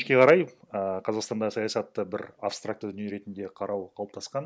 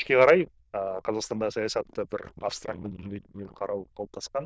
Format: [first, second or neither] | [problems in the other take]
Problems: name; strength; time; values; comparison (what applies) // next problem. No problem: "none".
first | noise reduction (neural diffusion model UNIVERSE++)